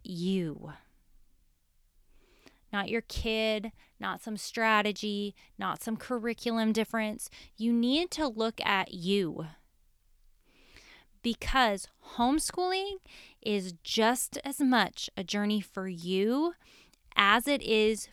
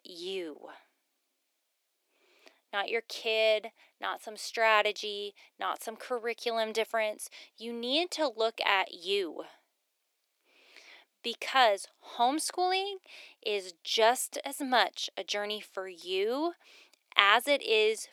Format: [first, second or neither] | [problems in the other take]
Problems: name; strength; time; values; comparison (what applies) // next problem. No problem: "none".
first | thin; very; fading below 300 Hz